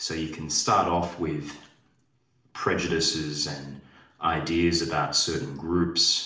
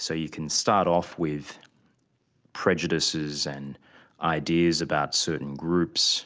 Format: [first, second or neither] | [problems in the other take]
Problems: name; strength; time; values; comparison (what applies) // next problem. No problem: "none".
second | room echo; dies away in 0.6 s